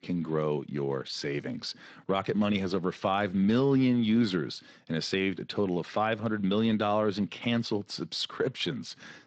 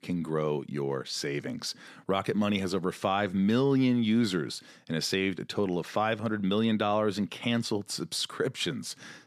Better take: second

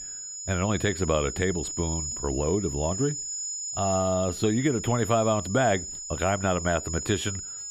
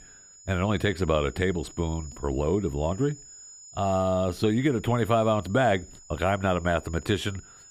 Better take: second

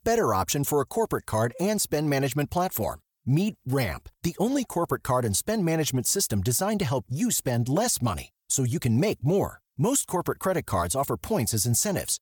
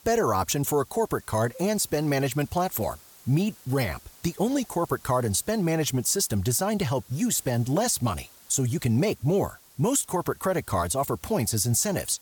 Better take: first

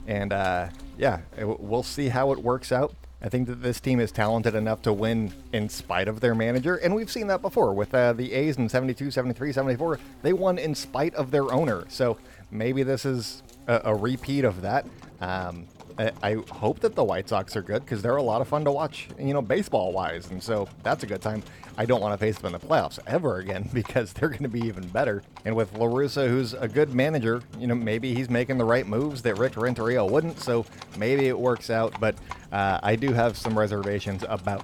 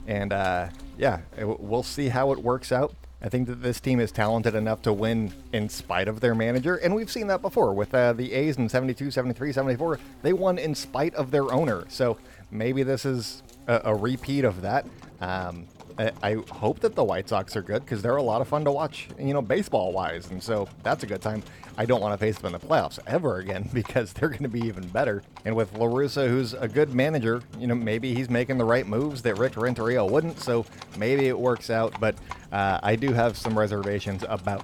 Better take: neither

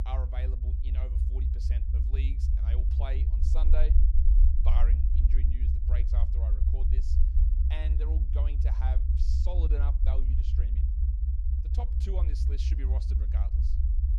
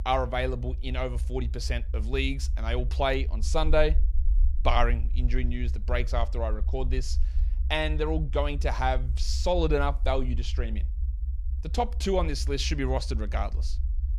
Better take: second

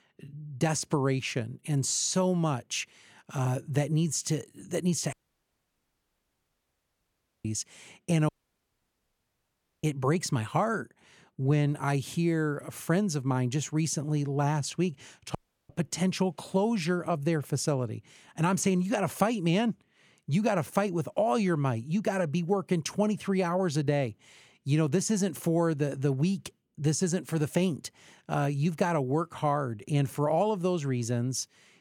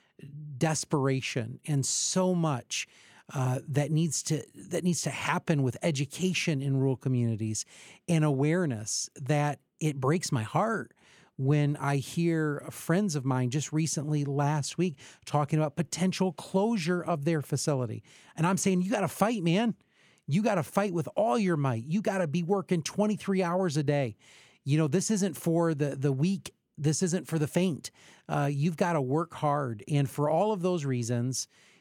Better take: second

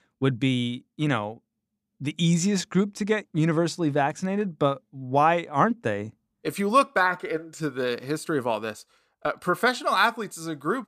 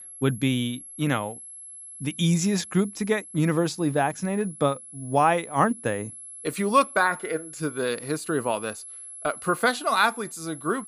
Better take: first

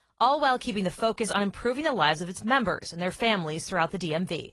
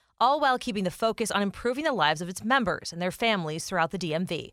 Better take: second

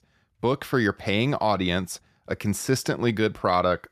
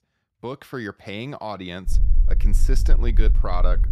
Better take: first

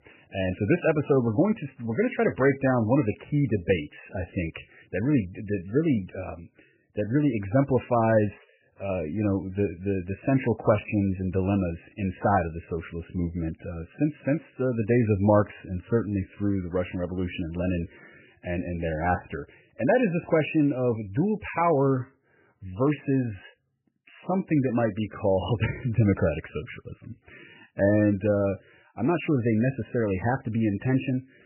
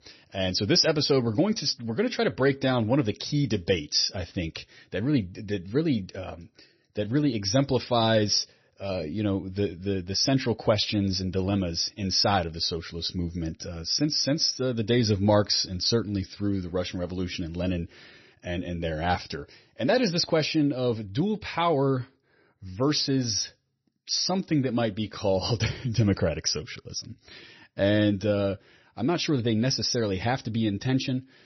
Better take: second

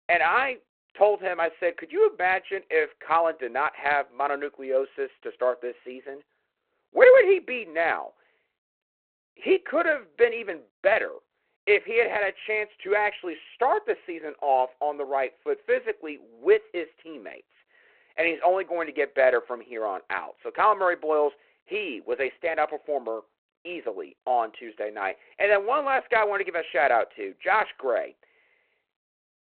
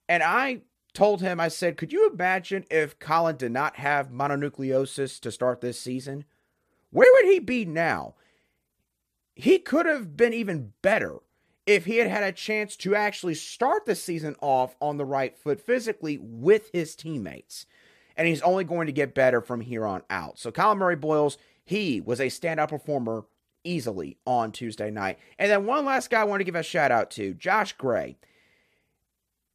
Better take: second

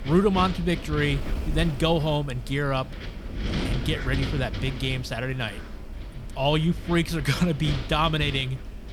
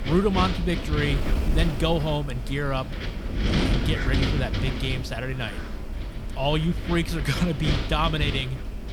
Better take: first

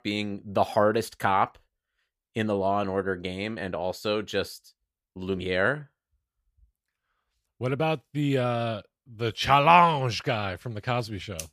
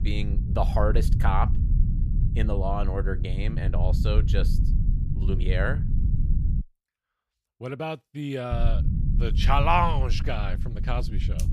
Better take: first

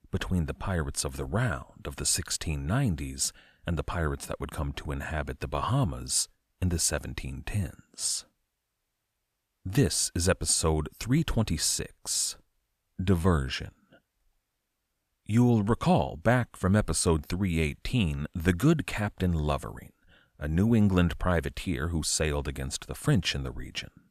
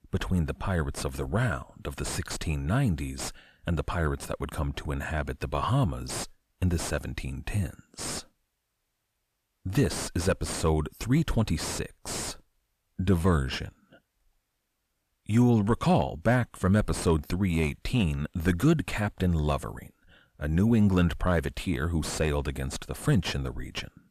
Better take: first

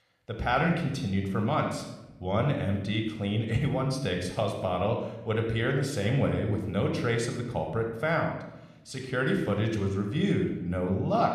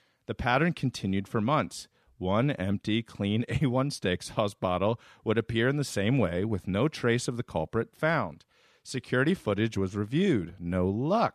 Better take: second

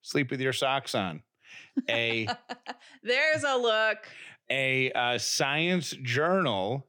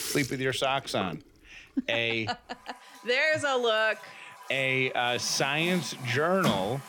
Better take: first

